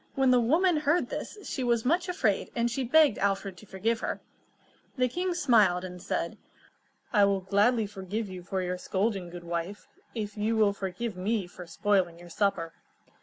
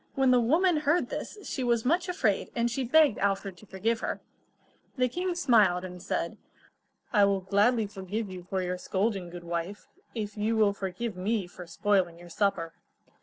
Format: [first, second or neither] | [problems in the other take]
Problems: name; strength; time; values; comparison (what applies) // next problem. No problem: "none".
first | noise reduction (neural separator model SepFormer DNS4)